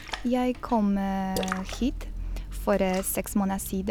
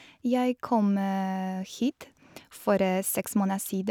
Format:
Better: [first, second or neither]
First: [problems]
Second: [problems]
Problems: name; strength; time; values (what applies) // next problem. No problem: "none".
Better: second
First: background sound (Splash, splatter); 8 dB below the speech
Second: none